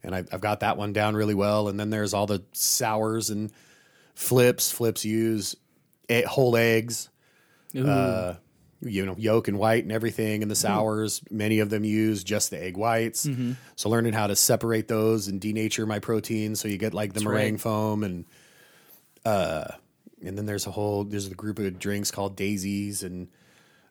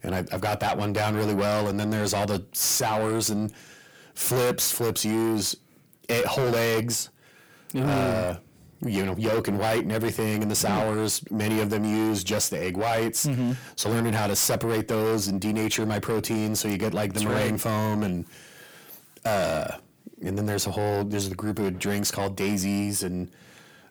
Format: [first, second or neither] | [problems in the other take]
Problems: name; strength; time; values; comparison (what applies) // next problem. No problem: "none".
first | distortion; heavy; 6 dB below the speech